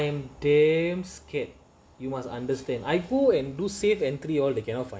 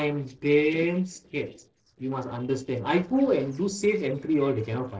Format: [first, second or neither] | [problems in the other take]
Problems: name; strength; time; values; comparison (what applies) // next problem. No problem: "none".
first | noise reduction (neural separator model SepFormer DNS4)